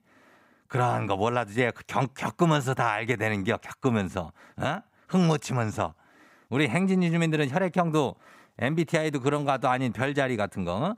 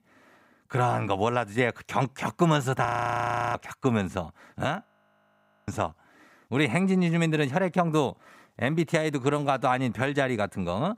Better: first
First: none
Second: audio freezing; at 3 s for 0.5 s and at 5 s for 1 s

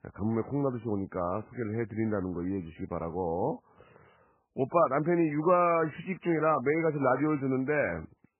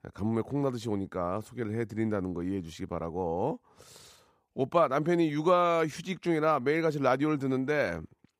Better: second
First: garbled, watery; badly; nothing above 2.5 kHz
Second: none

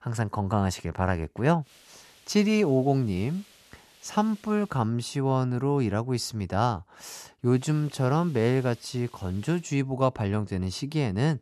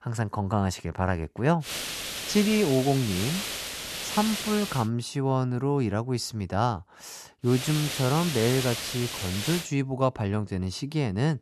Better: first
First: hiss; faint; from 1.5 to 5 s and from 7.5 to 9.5 s; 25 dB below the speech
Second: hiss; loud; from 1.5 to 5 s and from 7.5 to 9.5 s; 5 dB below the speech

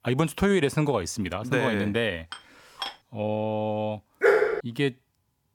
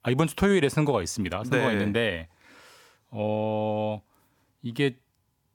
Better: second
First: clattering dishes; noticeable; at 2.5 s; peak 9 dB below the speech // dog barking; loud; at 4 s; peak 6 dB above the speech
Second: none

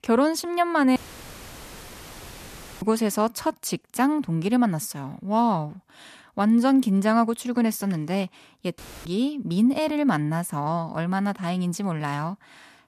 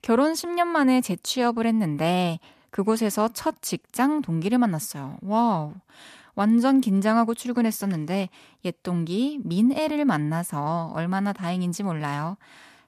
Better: second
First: audio cutting out; filled with static; at 1 s for 2 s and at 9 s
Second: none

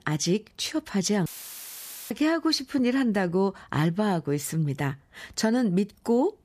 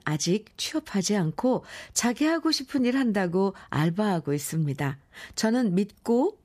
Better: second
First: audio cutting out; filled with static; at 1.5 s for 1 s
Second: none

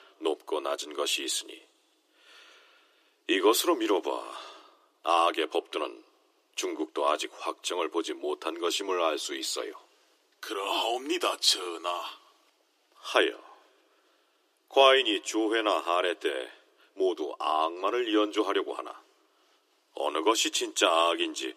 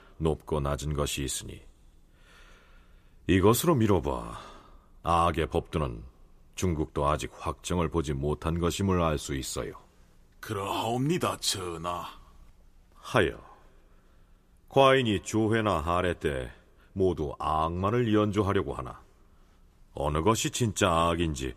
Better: second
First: thin; very; fading below 300 Hz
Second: none

